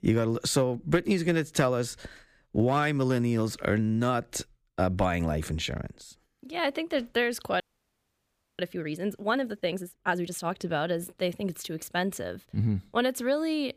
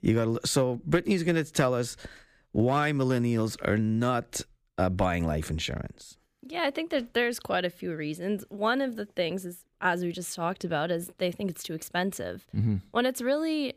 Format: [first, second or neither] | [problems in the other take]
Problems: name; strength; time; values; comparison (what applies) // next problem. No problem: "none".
second | audio freezing; at 7.5 s for 1 s